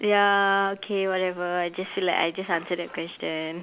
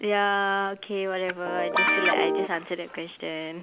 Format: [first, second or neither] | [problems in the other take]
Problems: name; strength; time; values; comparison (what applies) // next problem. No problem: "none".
first | background sound (Guitar); 3 dB above the speech